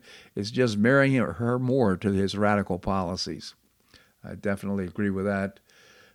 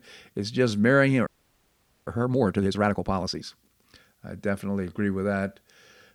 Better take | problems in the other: first | audio freezing; at 1.5 s for 1 s

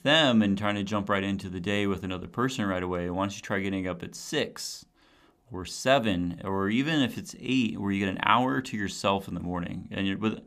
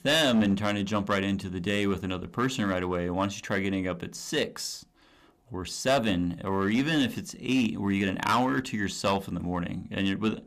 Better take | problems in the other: first | distortion; slight; 5% of the sound clipped

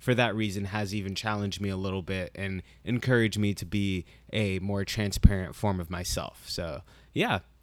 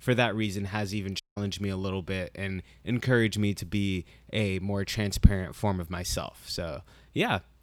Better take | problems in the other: first | audio cutting out; at 1 s

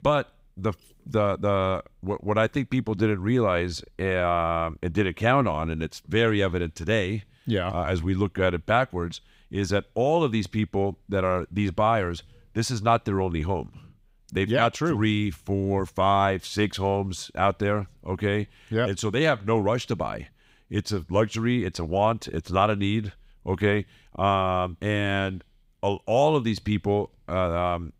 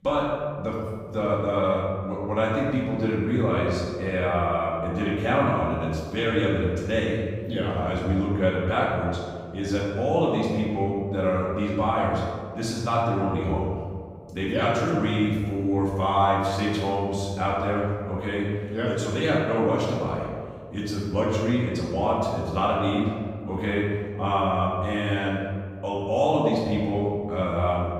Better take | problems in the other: first | room echo; noticeable; dies away in 1.5 s // off-mic speech; far

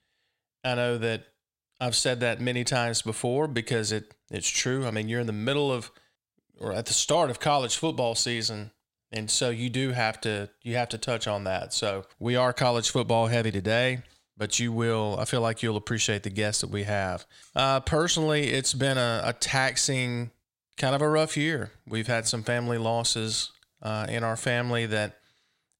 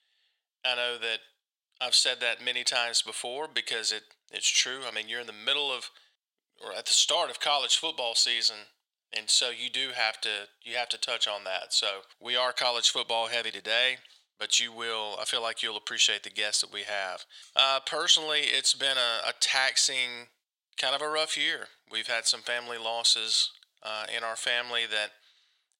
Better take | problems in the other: first | thin; very; fading below 700 Hz

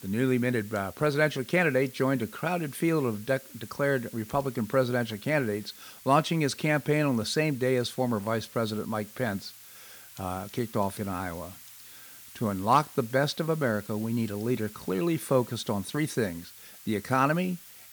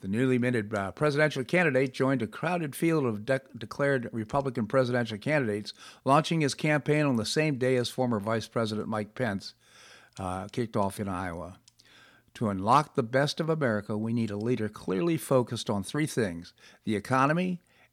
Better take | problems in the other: second | hiss; noticeable; throughout; 20 dB below the speech

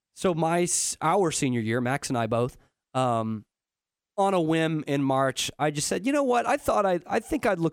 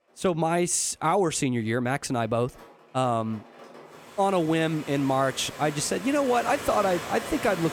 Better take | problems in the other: first | rain or running water; noticeable; throughout; 10 dB below the speech

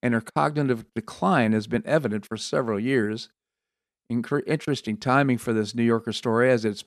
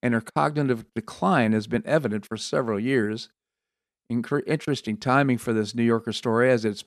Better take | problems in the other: neither | none

